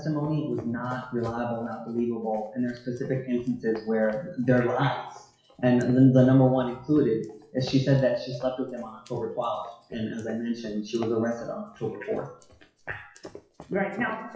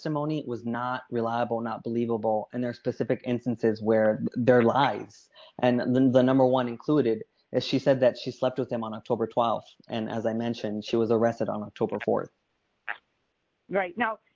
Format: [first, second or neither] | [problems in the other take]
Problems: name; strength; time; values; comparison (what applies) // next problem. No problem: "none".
second | noise reduction (classical method WPE with log-MMSE)